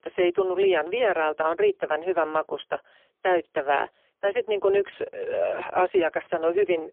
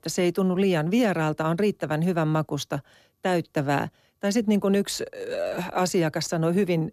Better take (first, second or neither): second